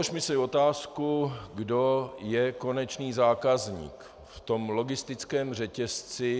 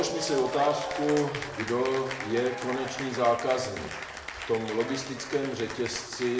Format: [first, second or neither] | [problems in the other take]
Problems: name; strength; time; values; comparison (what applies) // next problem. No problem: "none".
first | background sound (Applause / Cheering); 8 dB below the speech // room echo; dies away in 0.8 s